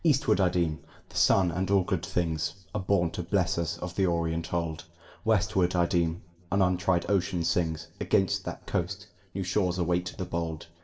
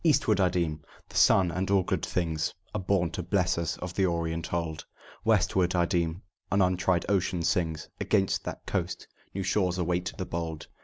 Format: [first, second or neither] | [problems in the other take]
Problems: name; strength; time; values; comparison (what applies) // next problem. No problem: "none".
second | room echo; dies away in 0.7 s